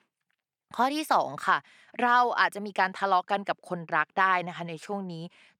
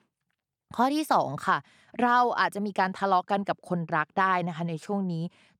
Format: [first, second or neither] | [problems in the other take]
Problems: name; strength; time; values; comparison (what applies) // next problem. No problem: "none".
second | thin; very slightly; fading below 350 Hz